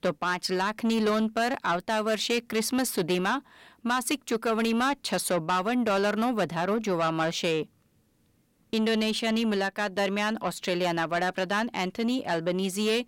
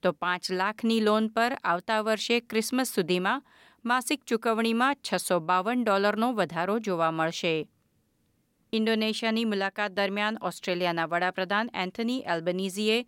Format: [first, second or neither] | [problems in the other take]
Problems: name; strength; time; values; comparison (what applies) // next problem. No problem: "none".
second | distortion; slight; 10 dB below the speech